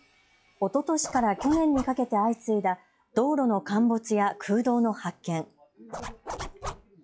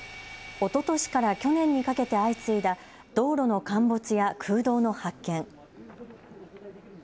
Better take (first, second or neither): second